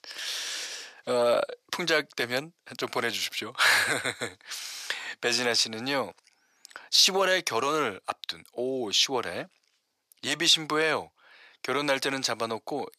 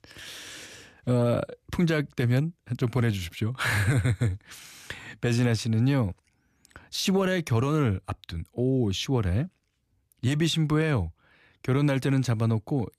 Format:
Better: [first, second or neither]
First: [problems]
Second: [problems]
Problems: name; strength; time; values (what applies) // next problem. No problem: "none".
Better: second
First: thin; very; fading below 650 Hz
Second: none